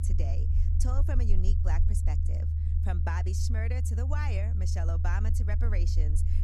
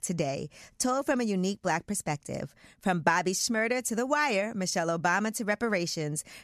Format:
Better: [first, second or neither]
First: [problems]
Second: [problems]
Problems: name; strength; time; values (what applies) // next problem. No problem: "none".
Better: second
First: low rumble; loud; throughout; 5 dB below the speech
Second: none